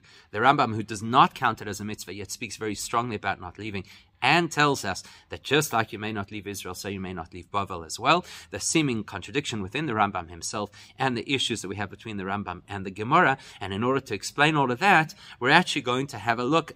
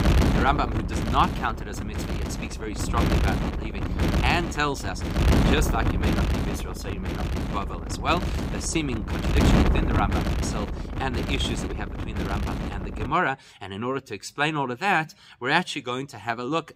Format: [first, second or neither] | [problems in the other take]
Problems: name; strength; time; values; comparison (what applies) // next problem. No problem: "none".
first | wind noise on the microphone; heavy; until 13 s; 5 dB below the speech